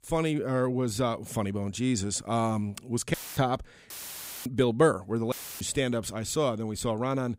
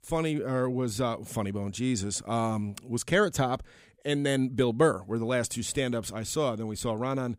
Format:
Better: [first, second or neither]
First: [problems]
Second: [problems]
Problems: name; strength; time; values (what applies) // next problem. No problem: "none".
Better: second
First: audio cutting out; filled with static; at 3 s, at 4 s for 0.5 s and at 5.5 s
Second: none